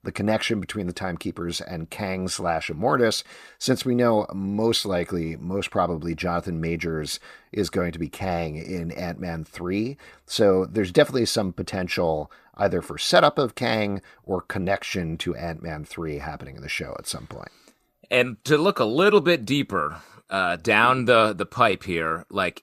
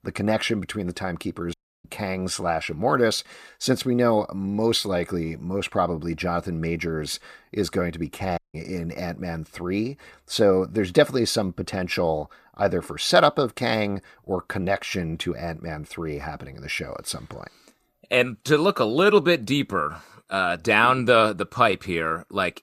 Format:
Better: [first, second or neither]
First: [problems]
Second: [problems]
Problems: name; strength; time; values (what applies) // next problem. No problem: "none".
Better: first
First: none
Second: audio cutting out; at 1.5 s and at 8.5 s